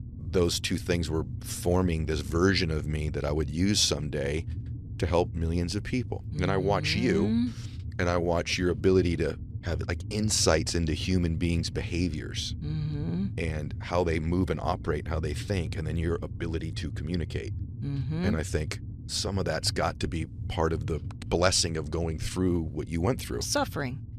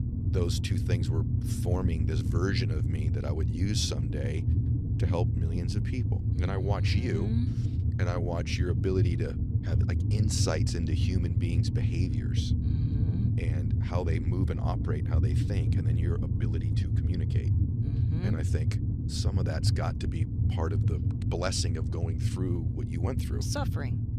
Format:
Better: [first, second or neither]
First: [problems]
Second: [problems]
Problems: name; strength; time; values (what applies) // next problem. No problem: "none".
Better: first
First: low rumble; faint; throughout; 20 dB below the speech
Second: low rumble; loud; throughout; 3 dB below the speech